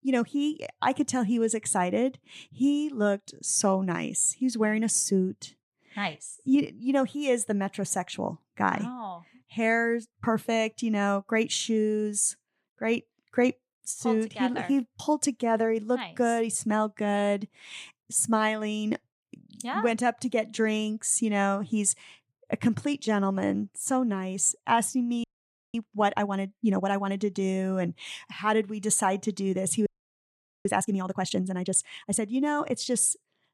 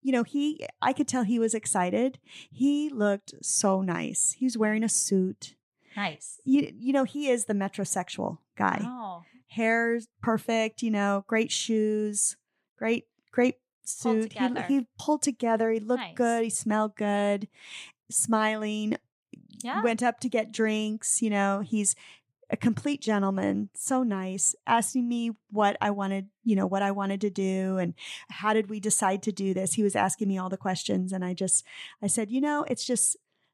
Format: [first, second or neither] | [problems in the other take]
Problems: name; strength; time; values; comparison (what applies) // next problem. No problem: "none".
second | audio freezing; at 25 s for 0.5 s and at 30 s for 1 s